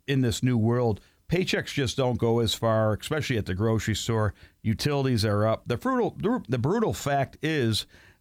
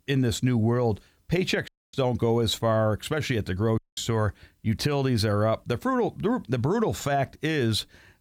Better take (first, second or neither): first